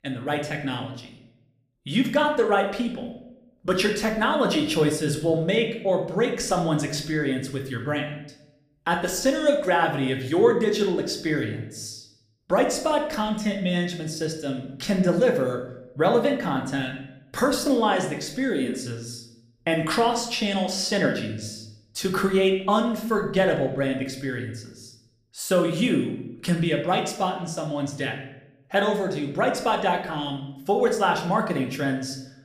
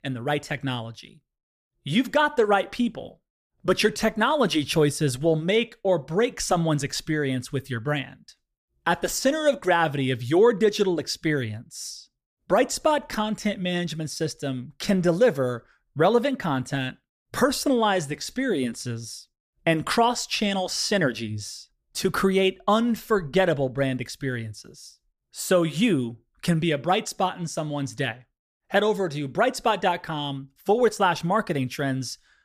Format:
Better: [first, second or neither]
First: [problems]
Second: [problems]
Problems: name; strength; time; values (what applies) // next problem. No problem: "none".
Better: second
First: room echo; slight; dies away in 0.6 s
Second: none